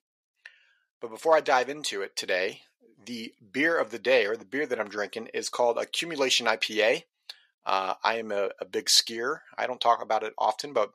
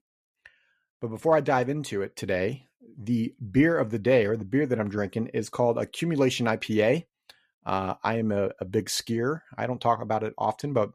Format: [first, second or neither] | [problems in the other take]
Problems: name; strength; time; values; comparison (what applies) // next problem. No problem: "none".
second | thin; somewhat; fading below 550 Hz